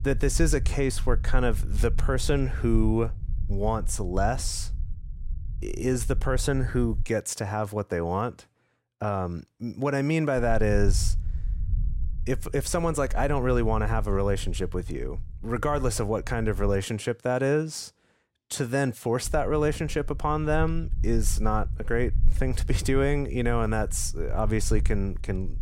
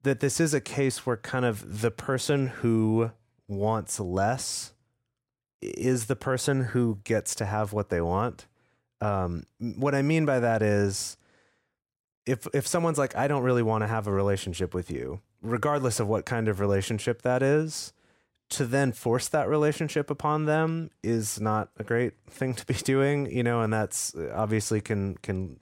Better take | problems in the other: second | low rumble; faint; until 7 s, from 10 to 17 s and from 19 s on; 25 dB below the speech

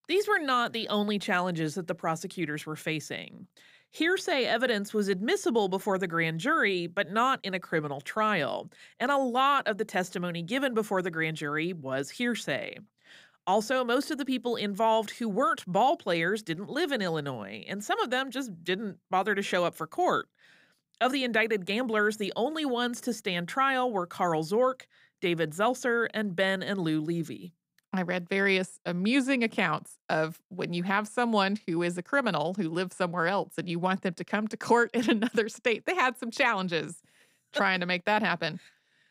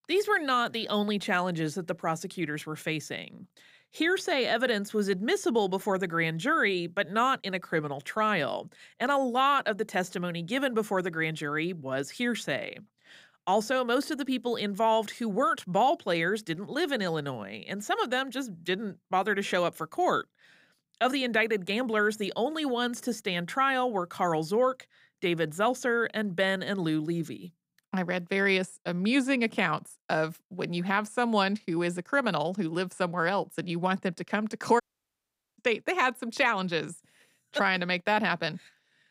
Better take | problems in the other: first | audio cutting out; at 35 s for 1 s

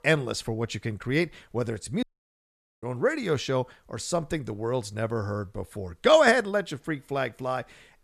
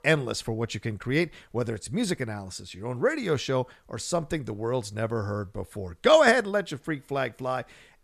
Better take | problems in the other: second | audio cutting out; at 2 s for 1 s

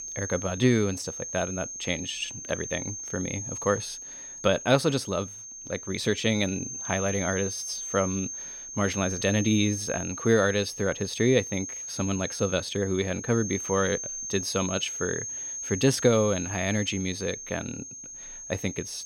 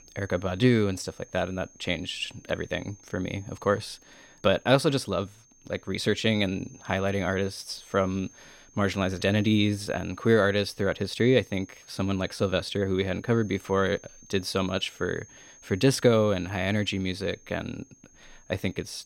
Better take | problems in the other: second | high-pitched whine; loud; throughout; 6.5 kHz, 7 dB below the speech; faint in the second

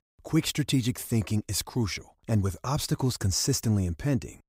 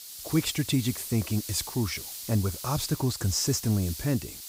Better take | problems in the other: first | hiss; loud; throughout; 9 dB below the speech

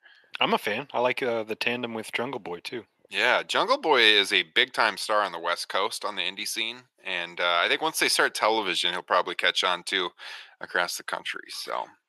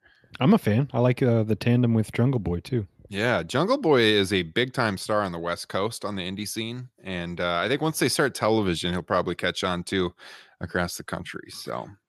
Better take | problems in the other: second | thin; very; fading below 500 Hz

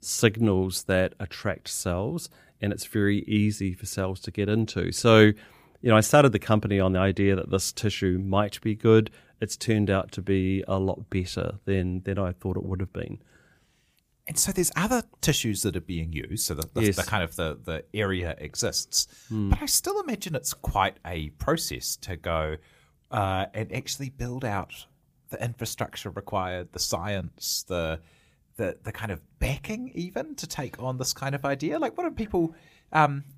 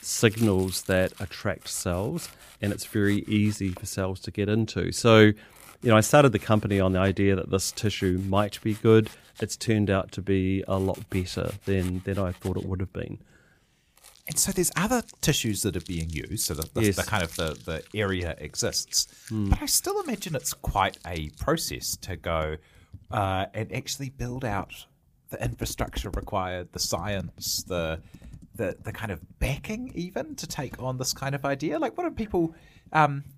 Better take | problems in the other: first | household noises; noticeable; throughout; 20 dB below the speech

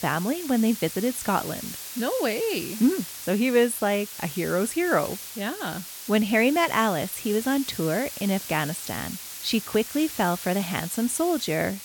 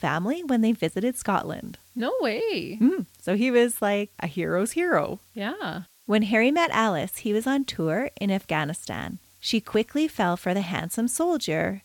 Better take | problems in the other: second | hiss; loud; throughout; 10 dB below the speech; faint in the second

